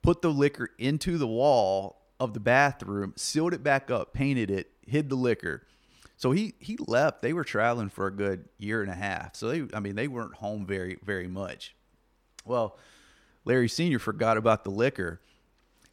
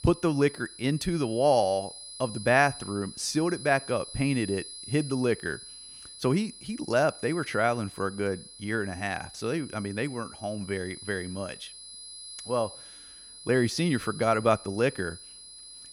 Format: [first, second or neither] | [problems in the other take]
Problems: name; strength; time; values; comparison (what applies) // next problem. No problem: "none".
first | high-pitched whine; noticeable; throughout; 10 kHz, 15 dB below the speech